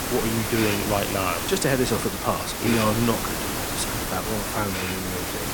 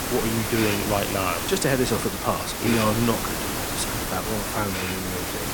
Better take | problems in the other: neither | hiss; loud; throughout; 1 dB below the speech; the same in both

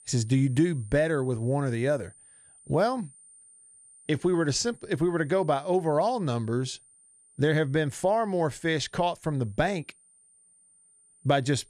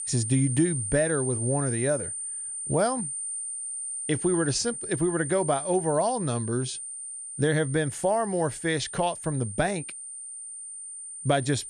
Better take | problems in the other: first | high-pitched whine; loud; throughout; 9 kHz, 6 dB below the speech; faint in the first

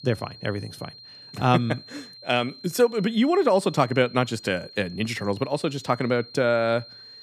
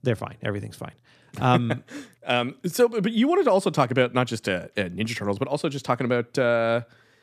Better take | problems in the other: second | high-pitched whine; noticeable; throughout; 4 kHz, 20 dB below the speech

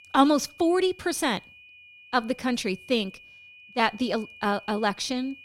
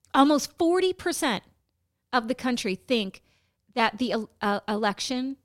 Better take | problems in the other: second | high-pitched whine; faint; throughout; 2.5 kHz, 20 dB below the speech

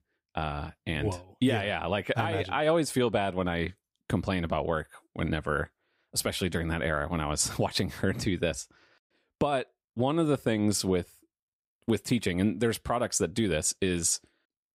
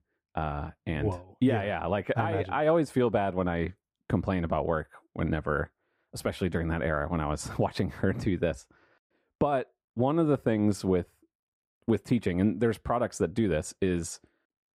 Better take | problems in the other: first | muffled; slightly; fading above 2.5 kHz

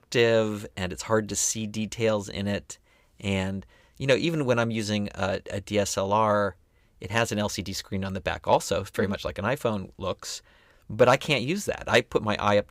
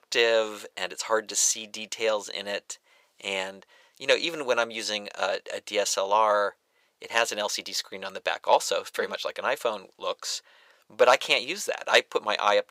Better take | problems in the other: first | thin; very; fading below 600 Hz

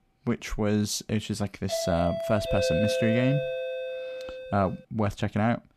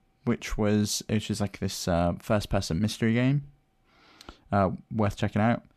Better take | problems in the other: second | doorbell; loud; from 1.5 to 4.5 s; peak 2 dB above the speech

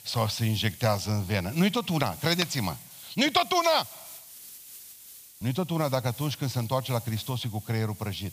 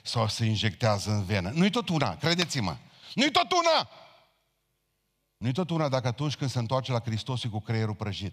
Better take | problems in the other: second | hiss; noticeable; throughout; 15 dB below the speech

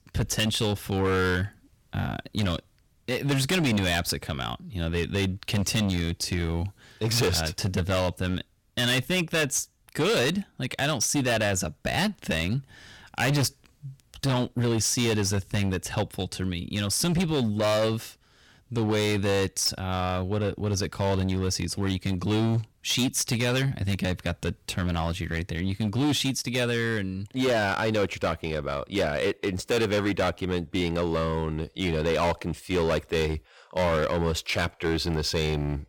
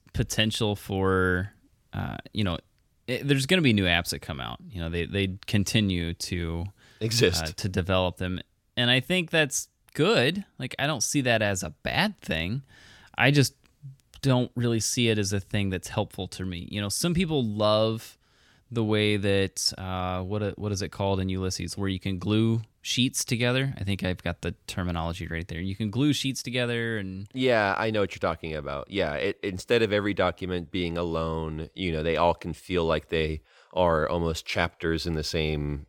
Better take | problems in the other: second | distortion; heavy; 13% of the sound clipped

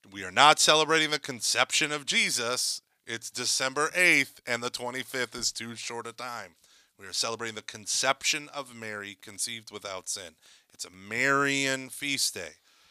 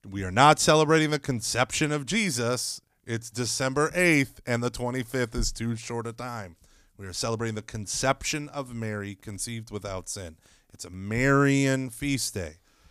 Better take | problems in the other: second | thin; somewhat; fading below 850 Hz

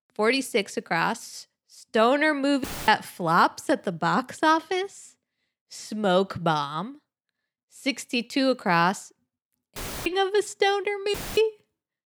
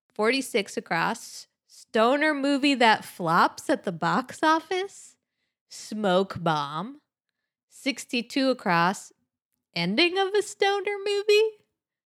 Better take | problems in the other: second | audio cutting out; filled with static; at 2.5 s, at 10 s and at 11 s

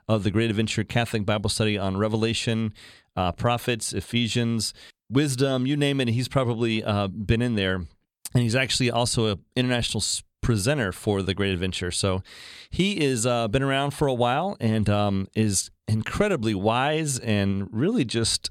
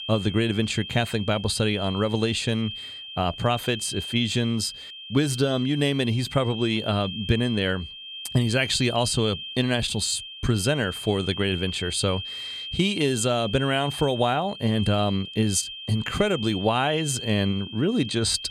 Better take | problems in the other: first | high-pitched whine; loud; throughout; 3 kHz, 9 dB below the speech

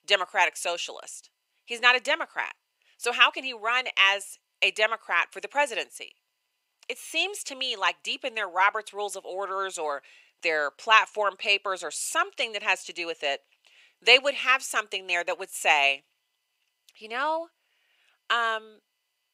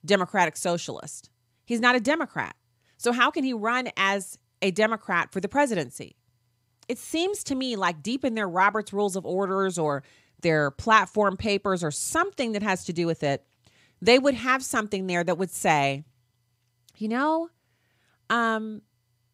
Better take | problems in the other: second | thin; very; fading below 500 Hz

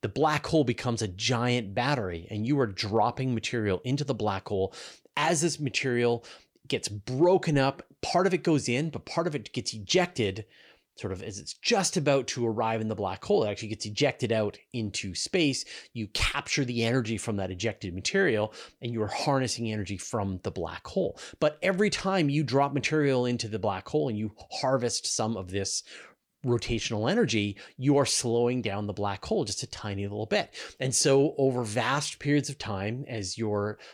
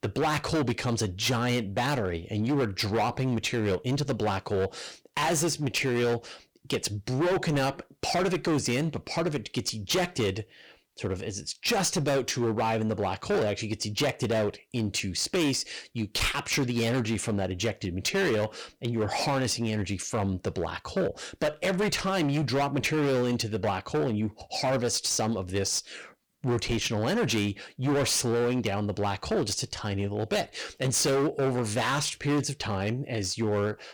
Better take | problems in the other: first | distortion; heavy; 16% of the sound clipped

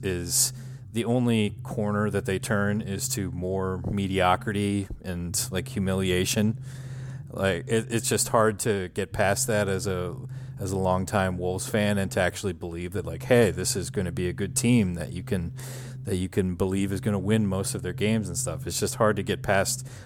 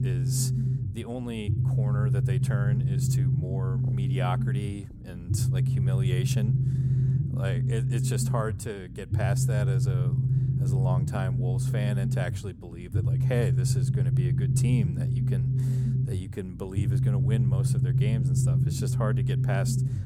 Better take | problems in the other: first | low rumble; loud; throughout; as loud as the speech; faint in the first

